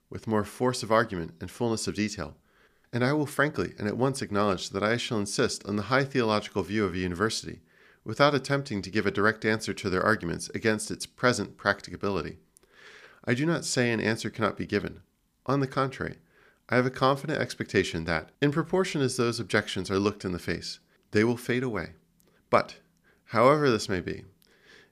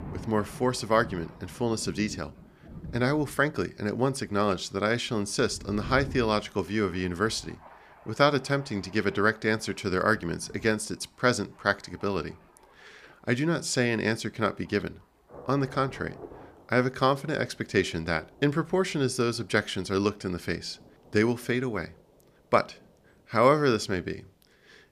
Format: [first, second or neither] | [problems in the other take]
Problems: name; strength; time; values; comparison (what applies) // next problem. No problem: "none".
first | rain or running water; faint; throughout; 20 dB below the speech